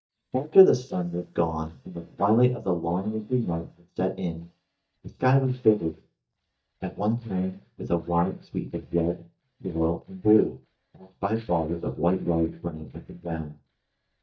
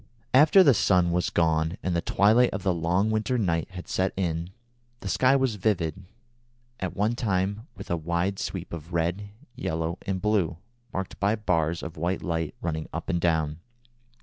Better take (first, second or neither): second